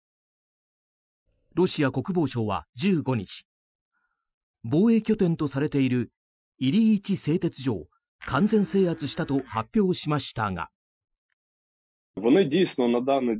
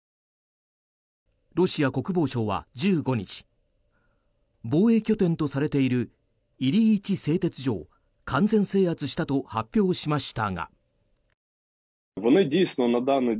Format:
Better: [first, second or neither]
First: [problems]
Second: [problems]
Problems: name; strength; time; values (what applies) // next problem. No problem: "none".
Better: second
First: noise reduction (classical method Wiener filter)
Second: none